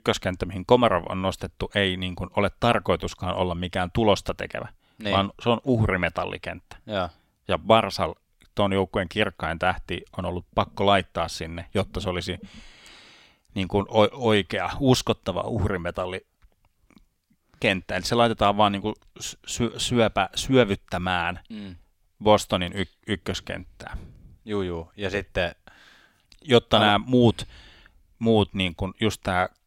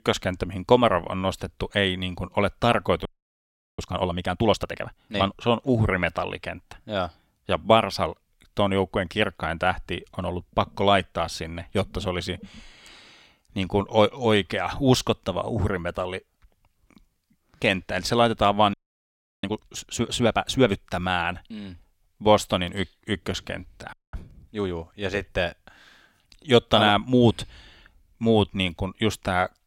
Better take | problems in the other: first | audio freezing; at 3 s for 0.5 s, at 19 s for 0.5 s and at 24 s

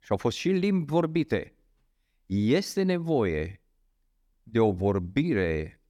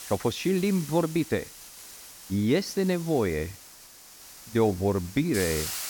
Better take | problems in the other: first | hiss; noticeable; throughout; 10 dB below the speech

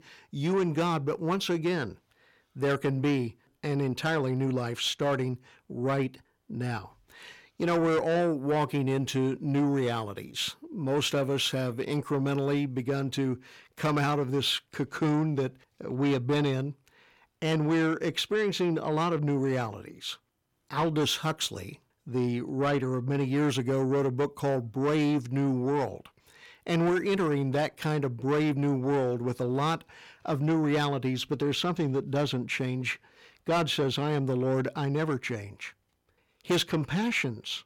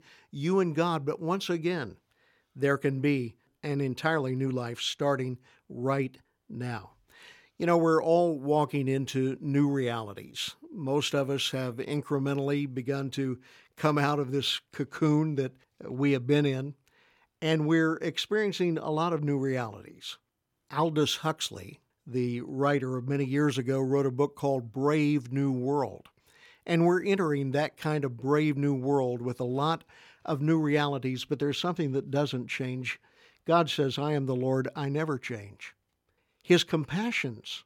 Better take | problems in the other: second | distortion; slight; 10 dB below the speech

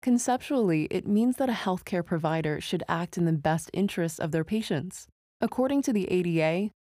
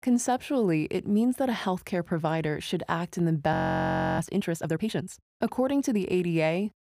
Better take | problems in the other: first | audio freezing; at 3.5 s for 0.5 s

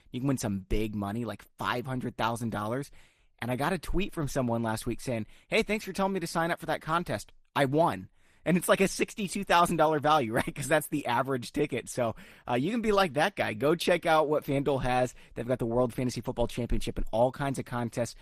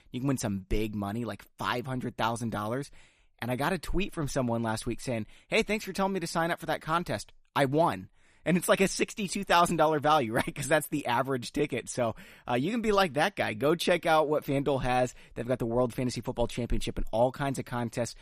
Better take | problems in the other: second | garbled, watery; slightly; nothing above 14.5 kHz

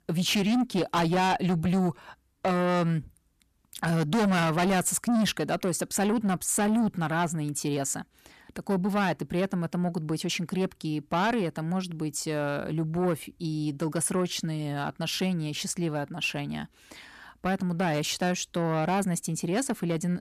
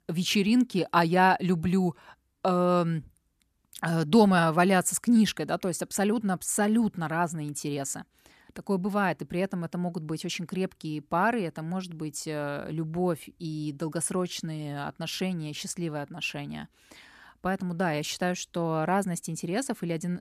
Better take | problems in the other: second | distortion; heavy; 8 dB below the speech

